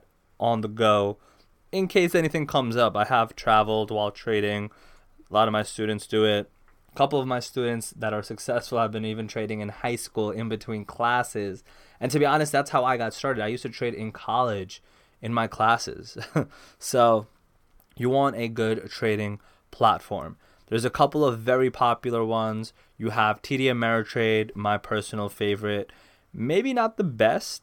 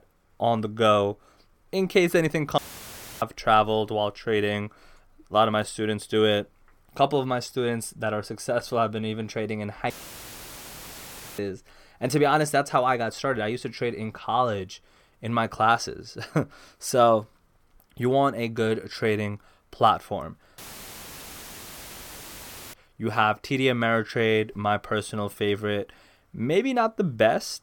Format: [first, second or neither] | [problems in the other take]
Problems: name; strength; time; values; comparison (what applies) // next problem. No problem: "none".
first | audio cutting out; filled with static; at 2.5 s for 0.5 s, at 10 s for 1.5 s and at 21 s for 2 s